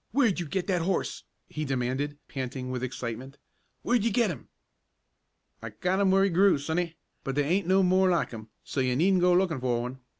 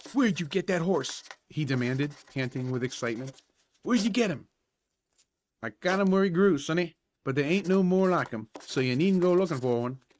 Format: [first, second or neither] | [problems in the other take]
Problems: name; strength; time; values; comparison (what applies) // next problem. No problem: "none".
first | noise reduction (neural mask model RNNoise)